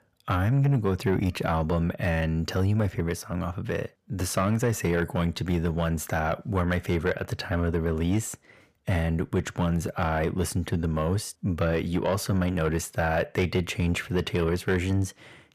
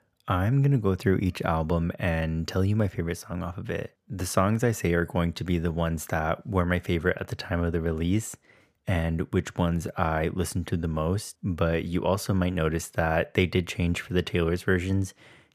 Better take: second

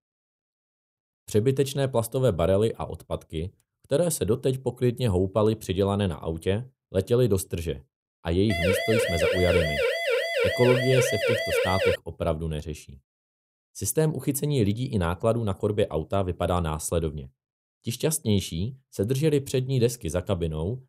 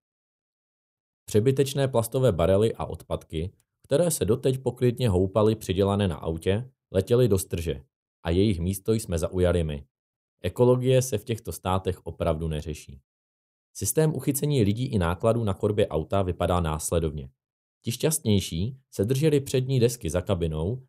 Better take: second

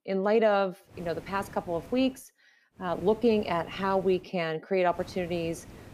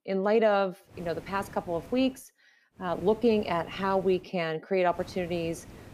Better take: neither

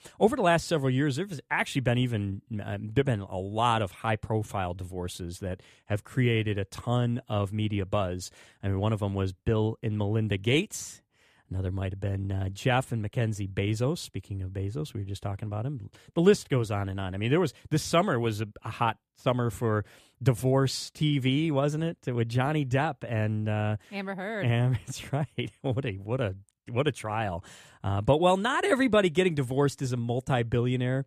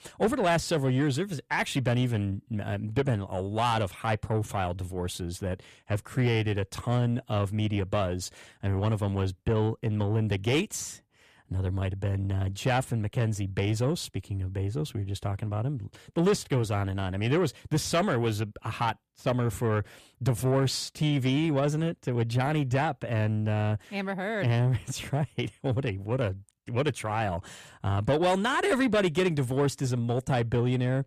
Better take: first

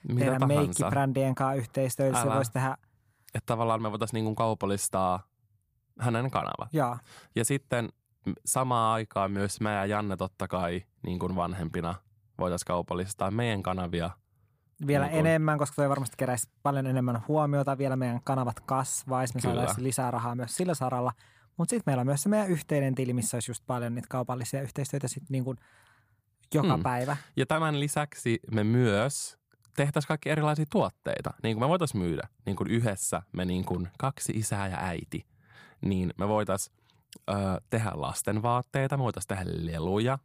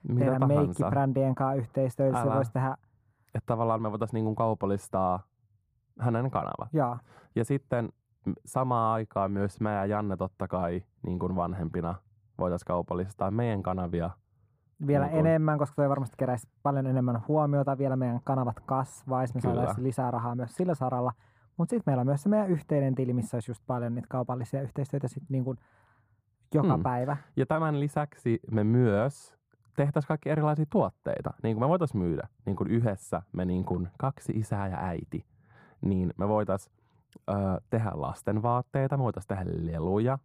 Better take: first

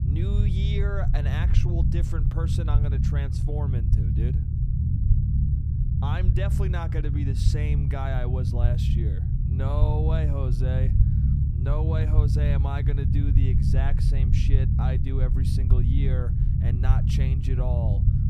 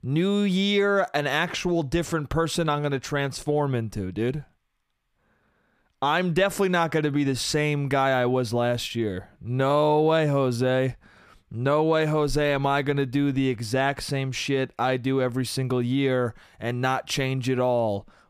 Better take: second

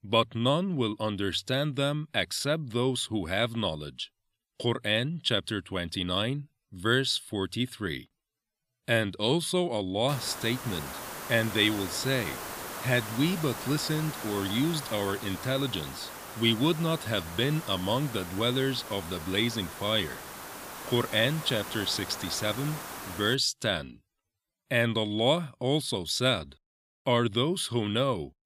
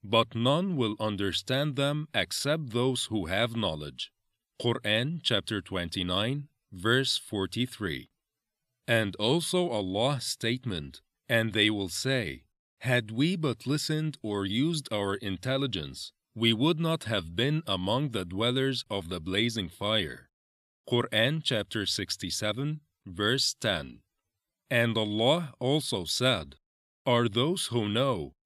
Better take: second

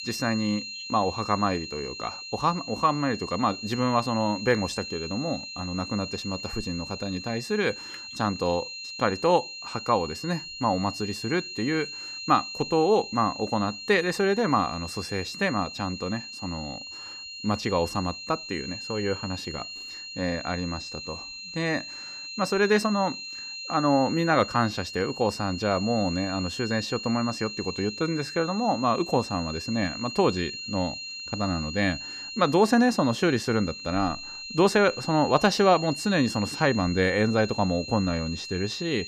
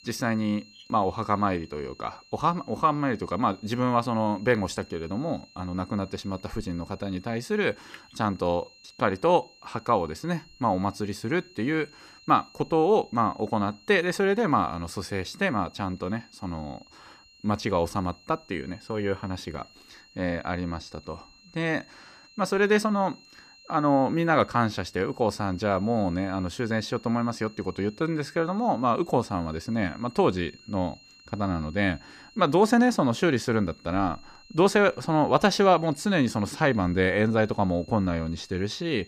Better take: second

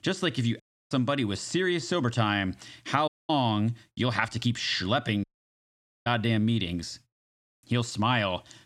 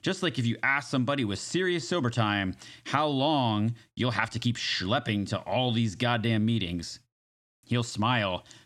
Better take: second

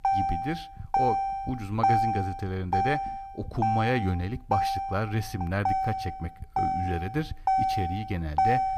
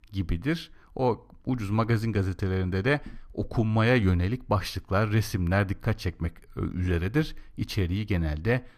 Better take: second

